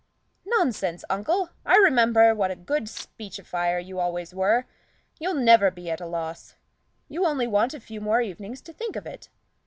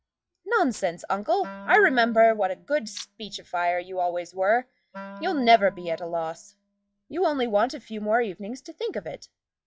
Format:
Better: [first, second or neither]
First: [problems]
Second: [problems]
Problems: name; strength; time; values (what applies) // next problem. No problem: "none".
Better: first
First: none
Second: noise reduction (classical method log-MMSE)